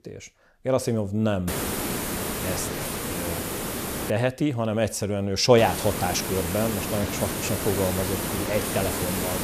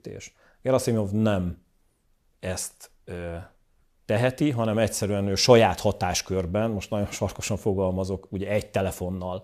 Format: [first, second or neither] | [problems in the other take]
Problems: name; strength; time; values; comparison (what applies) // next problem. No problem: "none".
second | hiss; loud; from 1.5 to 4 s and from 5.5 s on; 3 dB below the speech